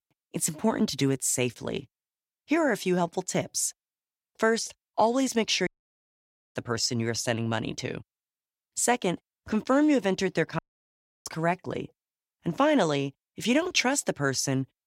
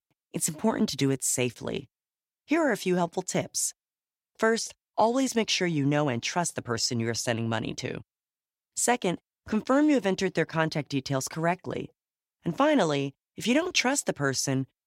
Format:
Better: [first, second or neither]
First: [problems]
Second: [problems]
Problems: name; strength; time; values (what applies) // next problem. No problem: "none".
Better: second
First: audio cutting out; at 5.5 s for 1 s and at 11 s for 0.5 s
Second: none